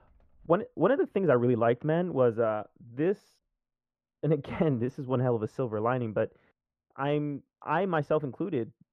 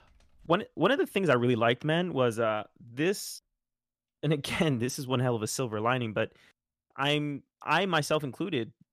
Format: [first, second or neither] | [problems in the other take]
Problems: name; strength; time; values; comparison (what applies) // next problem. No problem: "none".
second | muffled; very; fading above 3 kHz